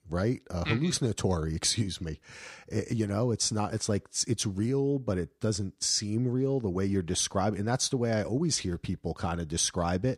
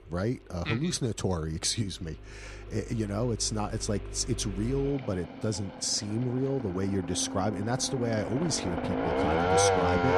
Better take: first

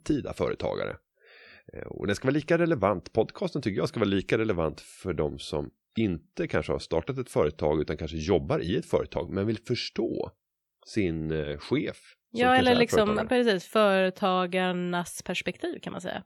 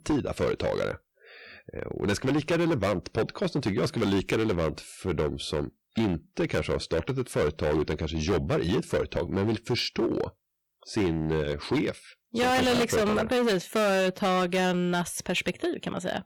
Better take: first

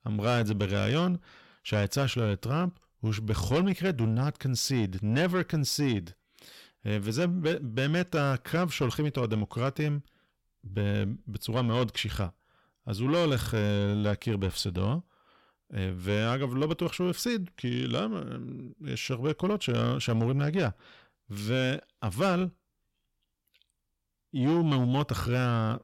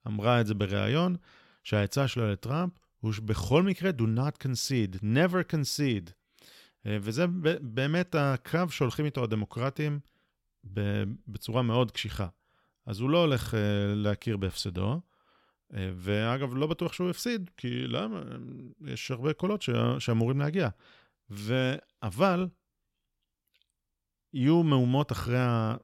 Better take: second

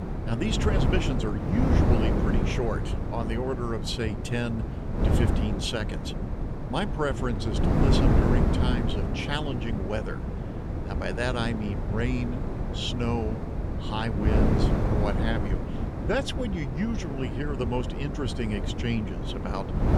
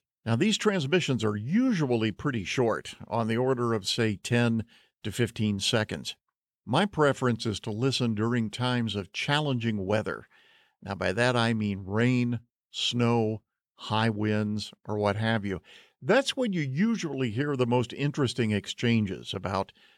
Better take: second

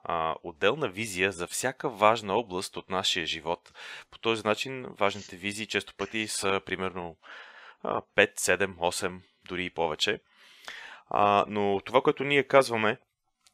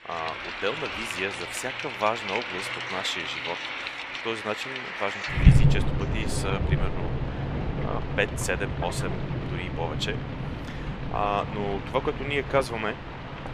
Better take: first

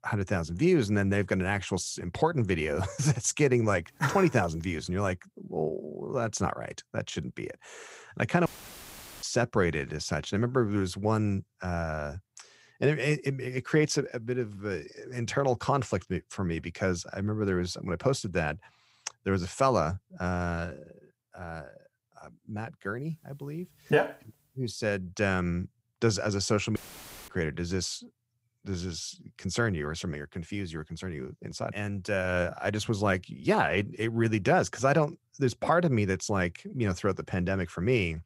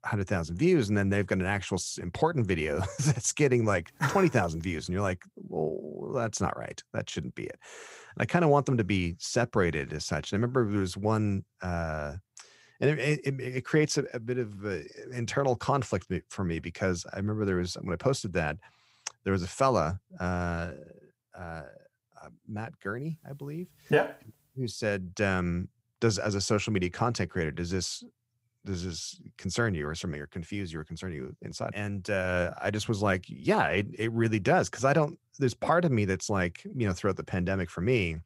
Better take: second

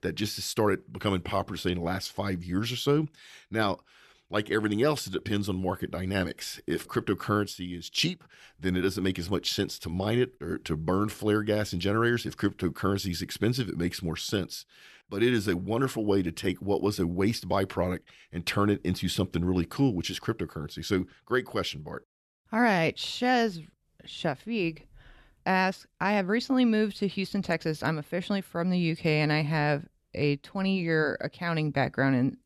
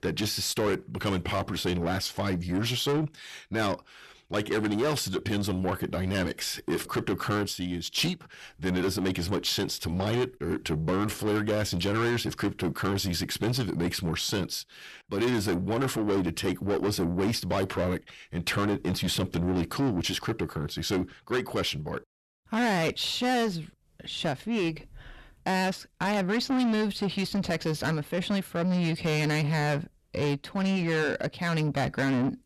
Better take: first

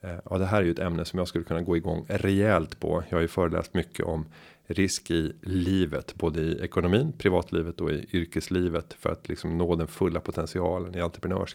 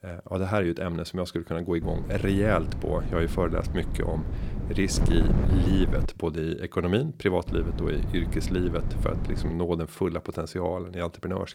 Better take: first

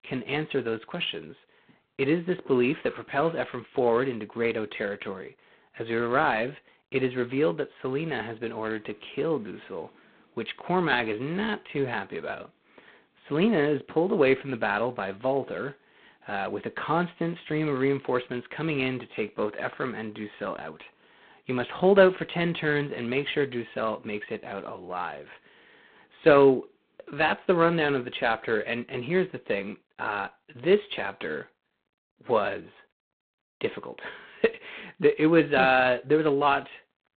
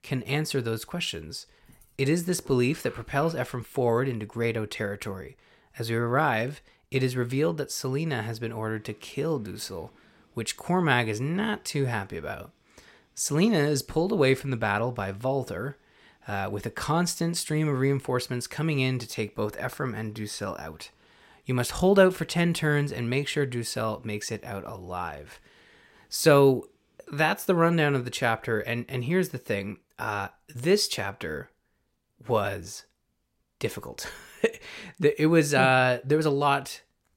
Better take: second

